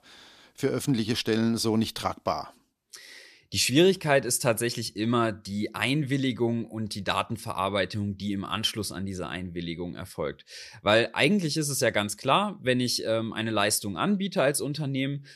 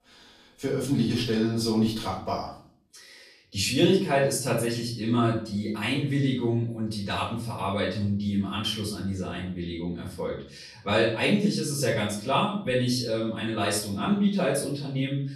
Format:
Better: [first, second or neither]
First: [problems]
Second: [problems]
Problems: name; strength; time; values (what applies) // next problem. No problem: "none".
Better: first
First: none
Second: off-mic speech; far // room echo; noticeable; dies away in 0.5 s